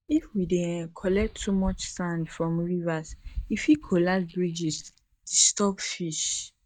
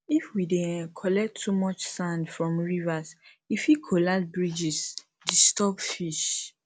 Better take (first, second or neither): second